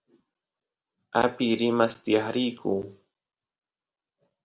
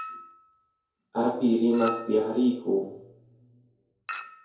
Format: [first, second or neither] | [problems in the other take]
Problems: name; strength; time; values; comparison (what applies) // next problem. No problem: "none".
first | background sound (Chink, clink); 14 dB below the speech // room echo; dies away in 2.3 s